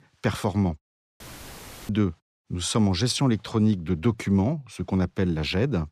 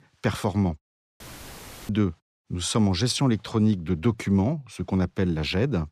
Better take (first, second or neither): neither